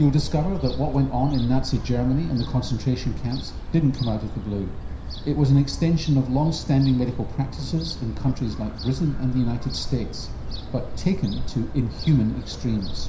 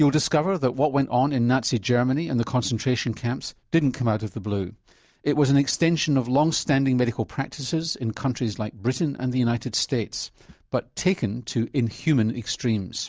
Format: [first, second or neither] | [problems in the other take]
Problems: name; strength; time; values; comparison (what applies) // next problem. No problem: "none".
second | background sound (Gull, seagull / Fowl); 6 dB below the speech // room echo; dies away in 0.5 s